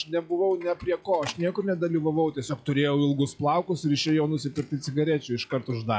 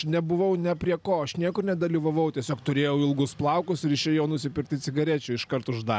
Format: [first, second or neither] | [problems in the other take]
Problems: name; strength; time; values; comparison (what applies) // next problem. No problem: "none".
second | noise reduction (classical method log-MMSE)